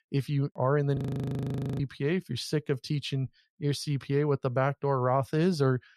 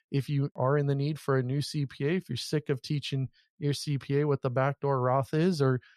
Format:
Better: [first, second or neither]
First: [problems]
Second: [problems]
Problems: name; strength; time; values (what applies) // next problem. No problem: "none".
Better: second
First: audio freezing; at 1 s for 1 s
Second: none